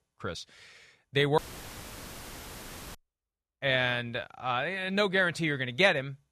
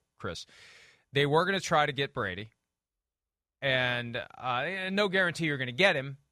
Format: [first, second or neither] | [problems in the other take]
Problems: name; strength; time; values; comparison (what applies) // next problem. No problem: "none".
second | audio cutting out; filled with static; at 1.5 s for 1.5 s